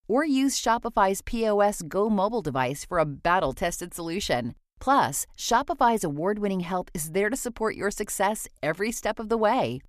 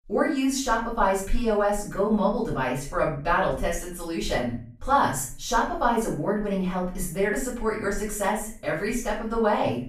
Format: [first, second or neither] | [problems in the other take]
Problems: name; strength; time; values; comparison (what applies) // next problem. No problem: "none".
first | off-mic speech; far // room echo; noticeable; dies away in 0.4 s